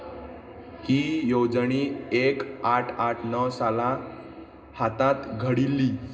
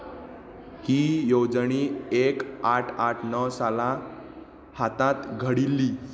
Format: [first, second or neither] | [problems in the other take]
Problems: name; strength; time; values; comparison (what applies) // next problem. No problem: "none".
second | room echo; dies away in 0.2 s